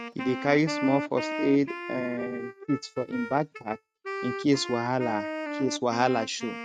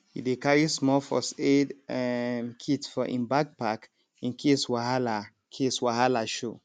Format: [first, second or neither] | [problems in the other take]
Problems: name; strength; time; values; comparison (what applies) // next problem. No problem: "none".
second | noise reduction (neural mask model RNNoise)